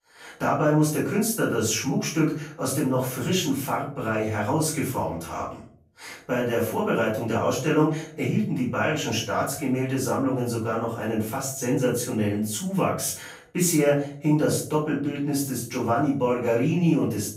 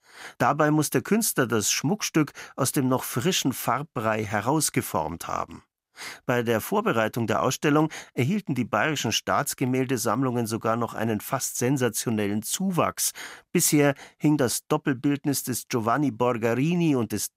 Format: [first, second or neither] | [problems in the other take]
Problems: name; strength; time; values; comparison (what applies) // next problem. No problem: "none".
second | off-mic speech; far // room echo; noticeable; dies away in 0.4 s